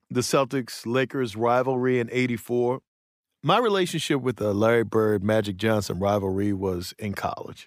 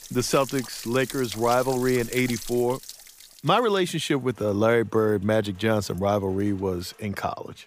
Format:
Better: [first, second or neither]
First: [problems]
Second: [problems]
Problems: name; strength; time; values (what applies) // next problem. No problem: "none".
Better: first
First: none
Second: rain or running water; noticeable; throughout; 10 dB below the speech